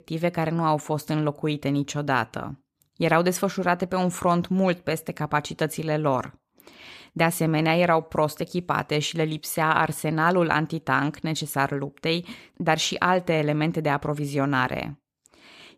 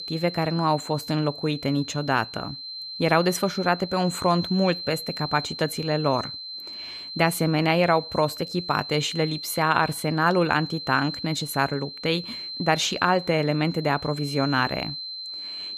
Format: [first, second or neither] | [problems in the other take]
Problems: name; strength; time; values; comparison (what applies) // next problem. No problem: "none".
first | high-pitched whine; loud; throughout; 4 kHz, 9 dB below the speech